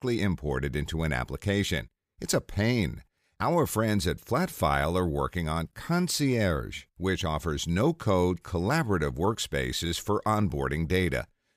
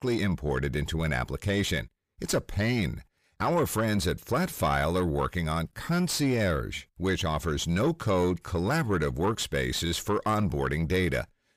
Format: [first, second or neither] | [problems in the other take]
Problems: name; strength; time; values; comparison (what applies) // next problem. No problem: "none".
first | distortion; slight; 10 dB below the speech